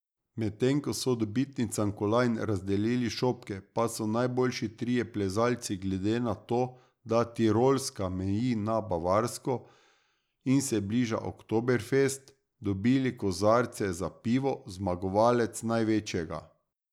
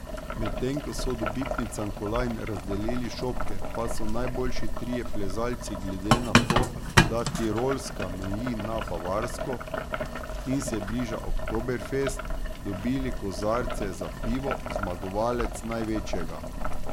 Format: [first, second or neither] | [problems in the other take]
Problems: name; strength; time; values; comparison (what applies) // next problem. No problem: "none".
first | background sound (Boiling); 3 dB above the speech